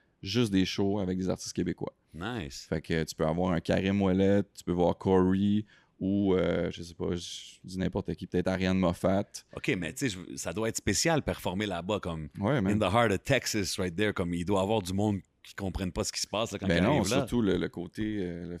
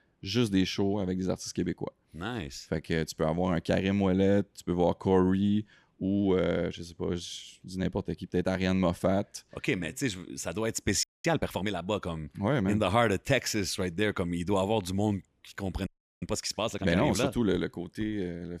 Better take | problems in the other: first | audio freezing; at 11 s and at 16 s

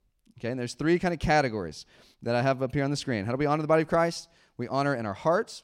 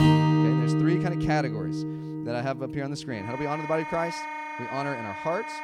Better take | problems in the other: first | background music; very loud; throughout; 3 dB above the speech

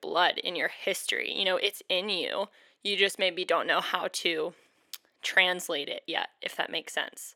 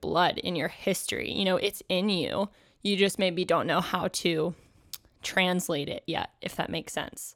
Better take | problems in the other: second | thin; somewhat; fading below 450 Hz

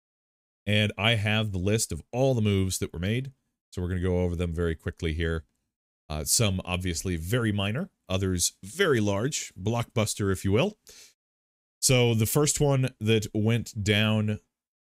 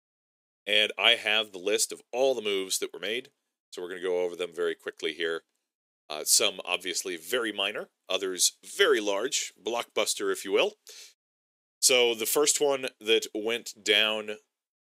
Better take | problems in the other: first | thin; very; fading below 350 Hz

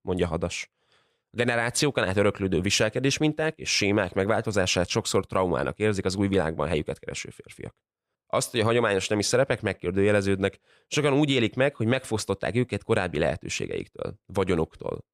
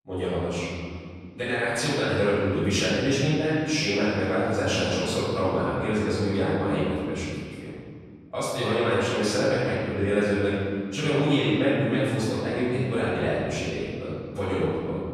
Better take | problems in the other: first | room echo; strong; dies away in 2.3 s // off-mic speech; far

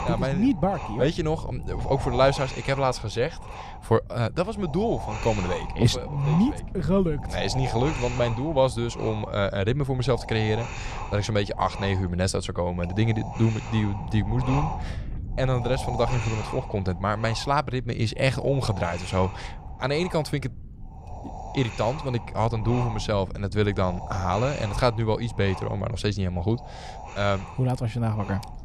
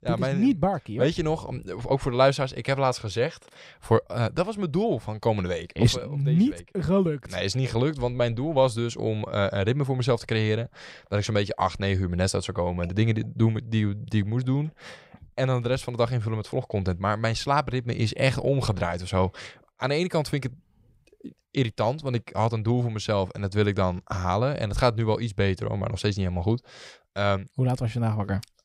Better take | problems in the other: second | wind noise on the microphone; heavy; 9 dB below the speech

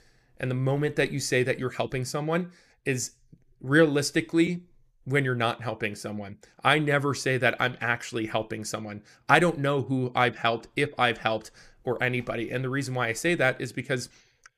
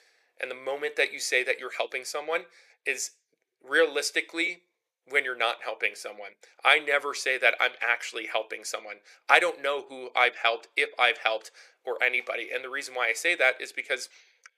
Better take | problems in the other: first | thin; very; fading below 500 Hz

